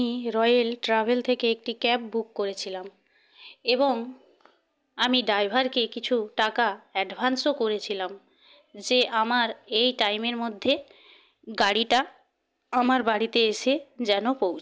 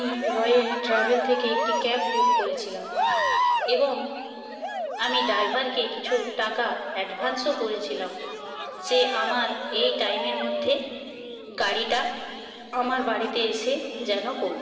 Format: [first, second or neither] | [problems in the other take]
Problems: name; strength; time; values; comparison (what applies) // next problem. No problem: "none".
first | background sound (Cheering); 3 dB below the speech // room echo; dies away in 2.9 s